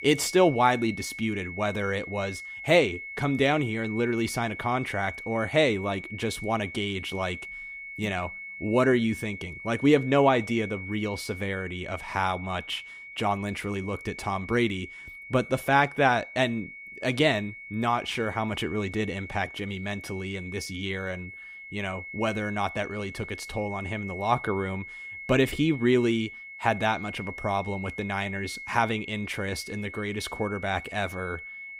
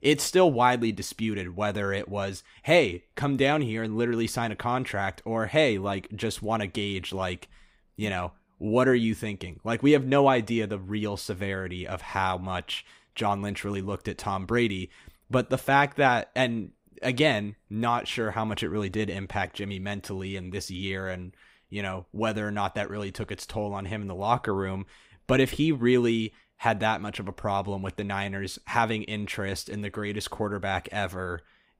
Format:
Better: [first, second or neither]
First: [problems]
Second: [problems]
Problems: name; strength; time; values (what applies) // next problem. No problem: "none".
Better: second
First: high-pitched whine; noticeable; throughout; 2 kHz, 10 dB below the speech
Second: none